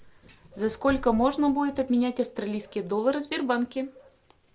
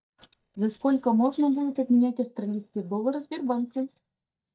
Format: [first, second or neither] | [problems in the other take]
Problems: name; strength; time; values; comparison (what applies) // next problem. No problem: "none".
first | noise reduction (neural mask model DeepFilterNet 3)